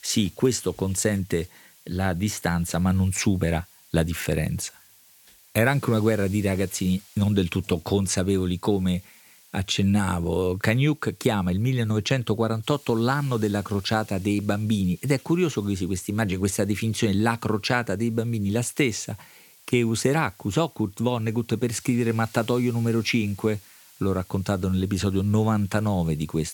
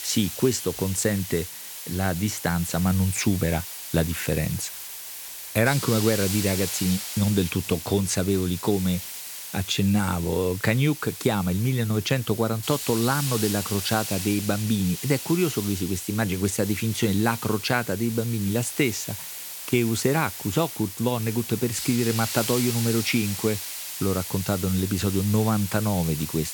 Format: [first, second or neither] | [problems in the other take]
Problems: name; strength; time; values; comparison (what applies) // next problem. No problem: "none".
first | hiss; loud; throughout; 7 dB below the speech; faint in the first